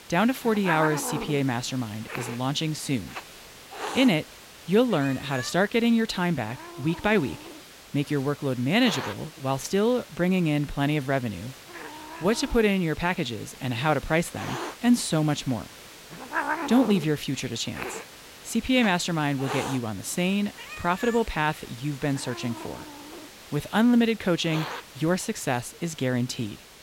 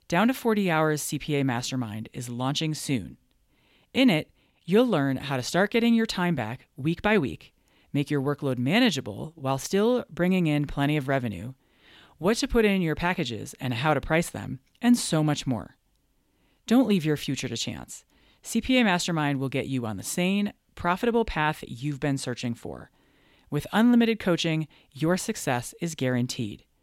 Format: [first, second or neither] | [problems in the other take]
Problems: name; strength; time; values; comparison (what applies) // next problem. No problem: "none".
second | hiss; noticeable; throughout; 10 dB below the speech